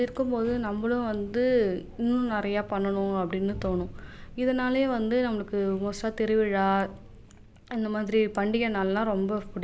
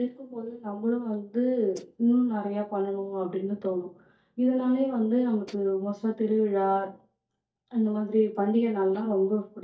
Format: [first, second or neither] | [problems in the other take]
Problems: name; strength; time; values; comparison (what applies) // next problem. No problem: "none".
first | noise reduction (neural mask model DeepFilterNet 3)